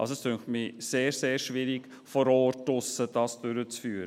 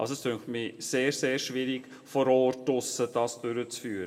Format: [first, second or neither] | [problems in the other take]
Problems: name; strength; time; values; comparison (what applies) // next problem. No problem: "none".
first | room echo; dies away in 1.4 s